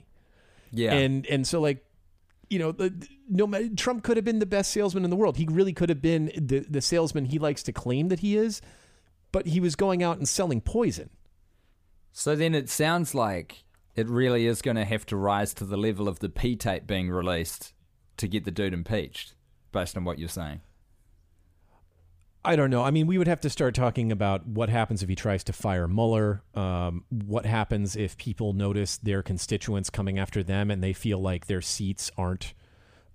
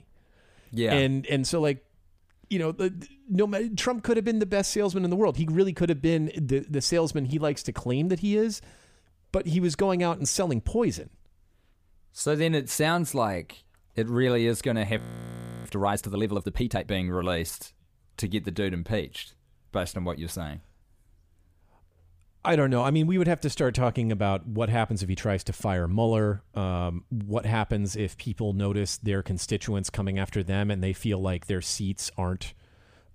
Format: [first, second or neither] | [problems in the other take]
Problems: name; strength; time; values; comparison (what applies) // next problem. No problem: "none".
first | audio freezing; at 15 s for 0.5 s